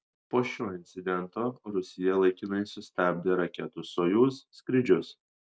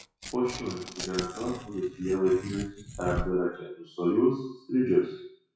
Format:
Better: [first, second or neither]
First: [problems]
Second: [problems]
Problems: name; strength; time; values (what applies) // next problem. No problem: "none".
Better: first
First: none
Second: noise reduction (classical method WPE with log-MMSE)